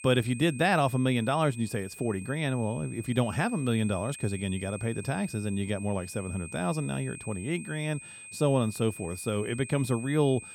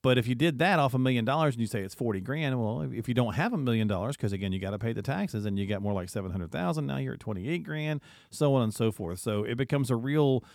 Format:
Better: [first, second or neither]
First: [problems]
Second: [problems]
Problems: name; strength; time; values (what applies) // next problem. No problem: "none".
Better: second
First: high-pitched whine; noticeable; throughout; 2.5 kHz, 15 dB below the speech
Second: none